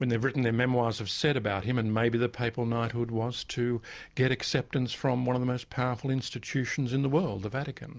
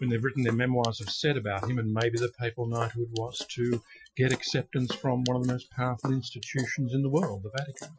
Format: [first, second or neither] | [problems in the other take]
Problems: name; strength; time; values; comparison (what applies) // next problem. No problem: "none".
first | noise reduction (classical method Wiener filter)